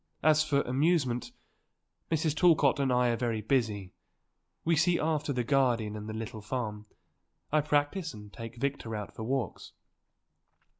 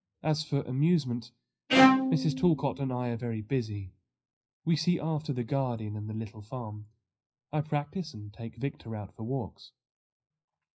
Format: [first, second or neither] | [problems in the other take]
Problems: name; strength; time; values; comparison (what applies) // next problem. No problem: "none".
first | noise reduction (classical method WPE with log-MMSE)